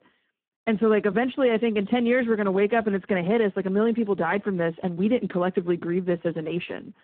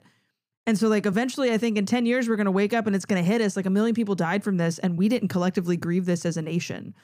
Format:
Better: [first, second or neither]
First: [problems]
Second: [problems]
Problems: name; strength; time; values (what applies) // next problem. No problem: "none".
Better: second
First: phone-call audio; poor line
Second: none